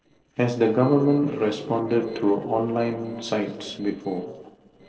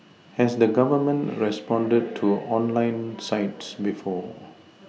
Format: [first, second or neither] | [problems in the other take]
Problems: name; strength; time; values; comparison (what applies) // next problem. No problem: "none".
second | noise reduction (neural separator model SepFormer DNS4)